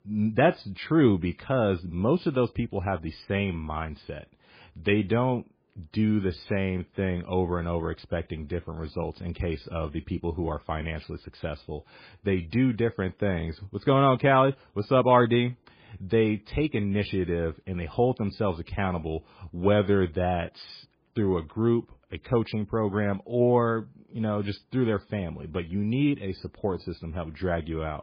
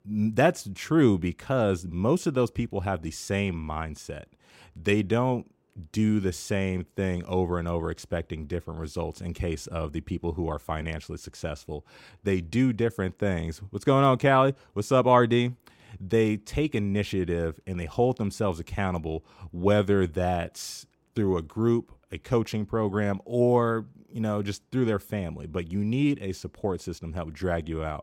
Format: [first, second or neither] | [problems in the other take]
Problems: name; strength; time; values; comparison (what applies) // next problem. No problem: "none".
second | garbled, watery; badly; nothing above 5 kHz